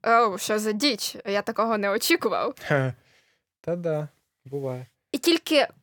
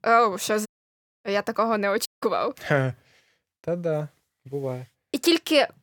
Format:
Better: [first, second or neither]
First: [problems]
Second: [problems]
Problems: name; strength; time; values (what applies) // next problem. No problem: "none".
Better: first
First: none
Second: audio cutting out; at 0.5 s for 0.5 s and at 2 s